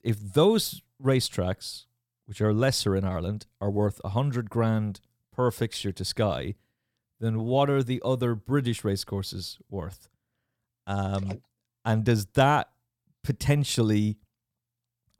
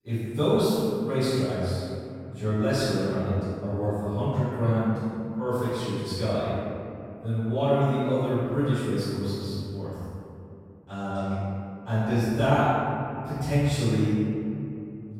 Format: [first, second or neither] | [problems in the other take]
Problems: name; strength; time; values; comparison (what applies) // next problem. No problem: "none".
first | off-mic speech; far // room echo; strong; dies away in 2.6 s